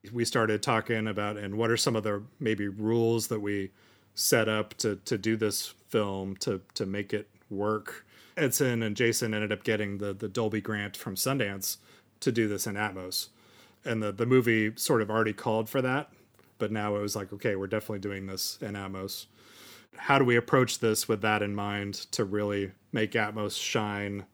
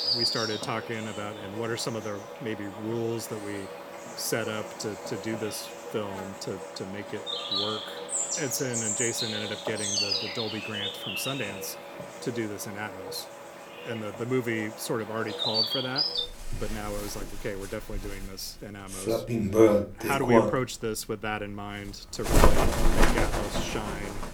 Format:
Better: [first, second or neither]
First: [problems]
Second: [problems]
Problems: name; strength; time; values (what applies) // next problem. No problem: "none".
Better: first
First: none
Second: animal sounds; very loud; throughout; 5 dB above the speech